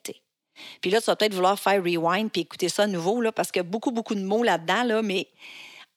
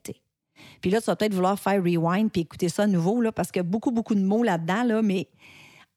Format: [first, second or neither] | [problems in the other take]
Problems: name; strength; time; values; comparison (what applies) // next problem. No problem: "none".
second | thin; somewhat; fading below 350 Hz